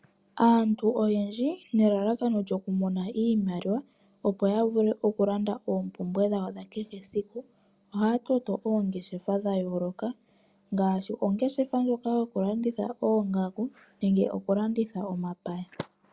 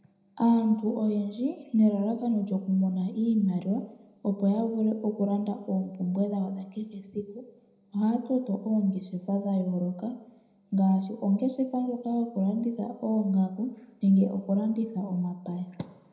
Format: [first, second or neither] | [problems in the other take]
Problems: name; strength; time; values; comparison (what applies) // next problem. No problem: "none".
first | room echo; dies away in 0.7 s